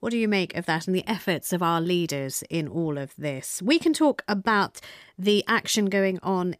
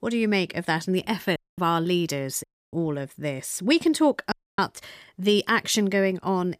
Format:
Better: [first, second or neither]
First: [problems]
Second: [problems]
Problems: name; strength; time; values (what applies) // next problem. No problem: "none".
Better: first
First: none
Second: audio cutting out; at 1.5 s, at 2.5 s and at 4.5 s